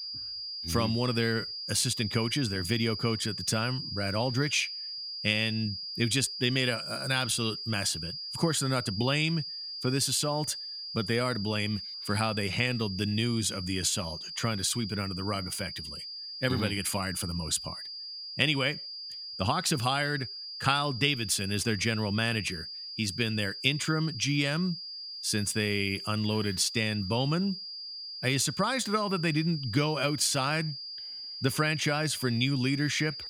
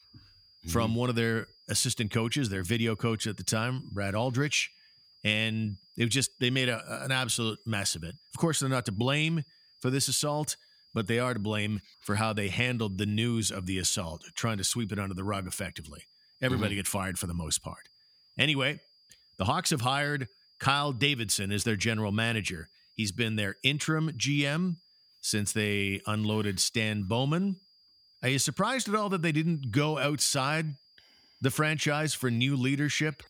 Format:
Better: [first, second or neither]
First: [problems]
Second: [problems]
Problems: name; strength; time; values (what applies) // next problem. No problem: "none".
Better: second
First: high-pitched whine; loud; throughout; 5 kHz, 7 dB below the speech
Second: high-pitched whine; faint; throughout; 5 kHz, 30 dB below the speech